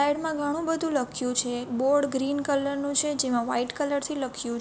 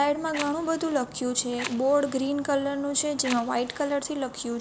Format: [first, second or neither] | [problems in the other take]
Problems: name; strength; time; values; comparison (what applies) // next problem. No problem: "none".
first | background sound (Fire); 15 dB below the speech